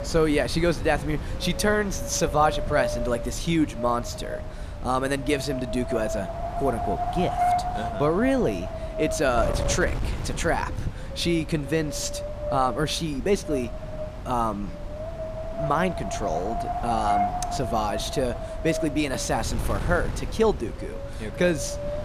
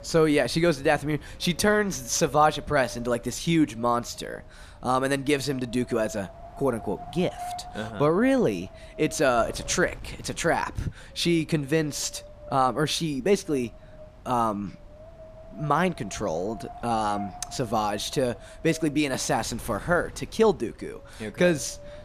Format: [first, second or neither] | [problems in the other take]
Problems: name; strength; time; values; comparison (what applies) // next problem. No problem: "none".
second | wind noise on the microphone; heavy; 4 dB below the speech; occasional gusts in the second